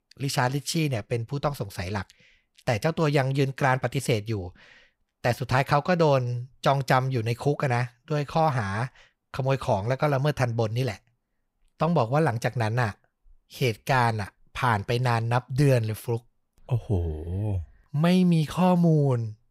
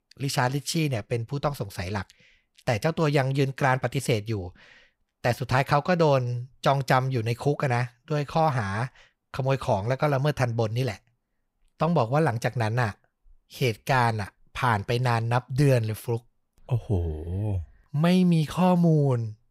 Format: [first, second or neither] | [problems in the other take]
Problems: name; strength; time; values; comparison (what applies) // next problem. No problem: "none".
neither | none